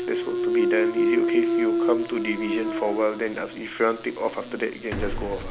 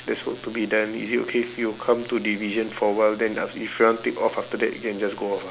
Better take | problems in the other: second | background sound (Thump, thud); 2 dB above the speech

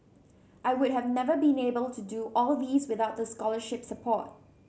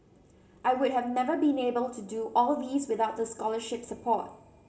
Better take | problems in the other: first | room echo; dies away in 0.8 s

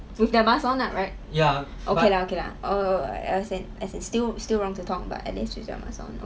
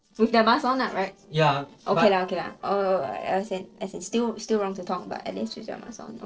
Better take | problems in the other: first | noise reduction (neural separator model SepFormer DNS4)

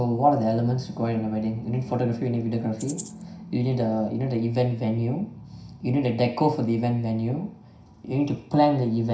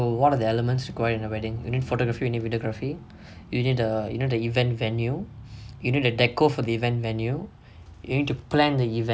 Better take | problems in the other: second | background sound (Rattle (instrument)); 15 dB below the speech // room echo; dies away in 0.5 s

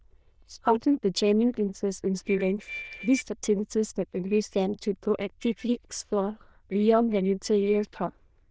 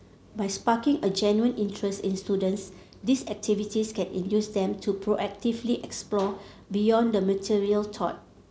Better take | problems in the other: second | noise reduction (neural diffusion model UNIVERSE++)

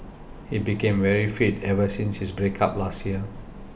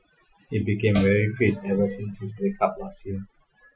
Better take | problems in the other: first | noise reduction (classical method Wiener filter)

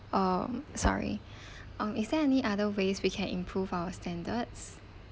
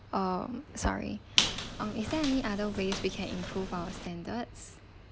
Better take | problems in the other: first | background sound (Squeak); 1 dB below the speech

